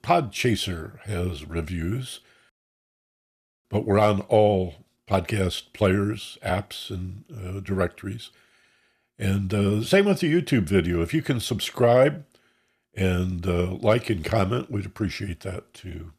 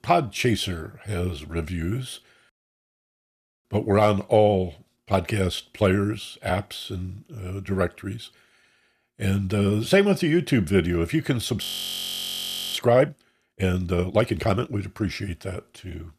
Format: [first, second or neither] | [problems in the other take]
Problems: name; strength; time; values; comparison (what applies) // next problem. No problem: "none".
first | audio freezing; at 12 s for 1 s